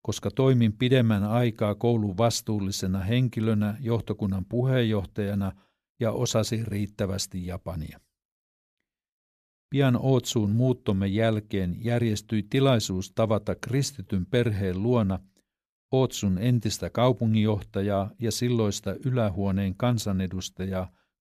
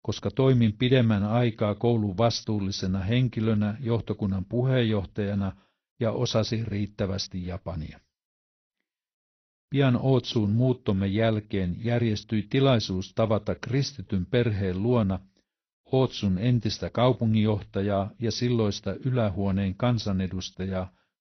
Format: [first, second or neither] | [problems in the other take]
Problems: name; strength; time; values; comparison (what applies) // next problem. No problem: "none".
first | garbled, watery; slightly; nothing above 6 kHz